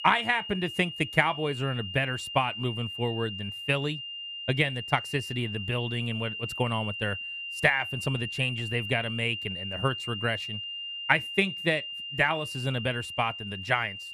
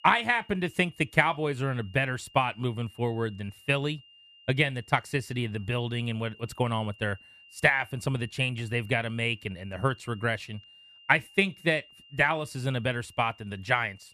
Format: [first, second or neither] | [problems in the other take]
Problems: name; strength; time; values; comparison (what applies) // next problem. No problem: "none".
second | high-pitched whine; loud; throughout; 3 kHz, 6 dB below the speech; faint in the second